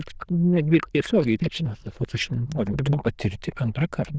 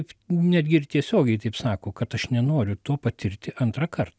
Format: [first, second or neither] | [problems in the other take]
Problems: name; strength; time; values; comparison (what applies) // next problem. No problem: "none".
second | noise reduction (neural diffusion model UNIVERSE++)